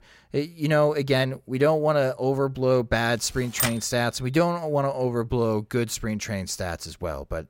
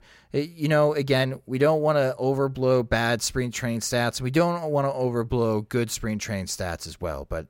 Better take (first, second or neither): second